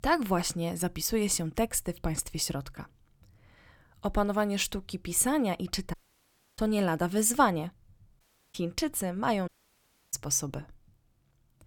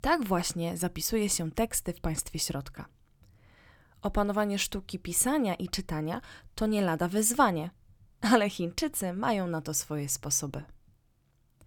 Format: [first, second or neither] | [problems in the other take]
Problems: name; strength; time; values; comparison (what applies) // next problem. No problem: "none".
second | audio cutting out; at 6 s for 0.5 s, at 8 s and at 9.5 s for 0.5 s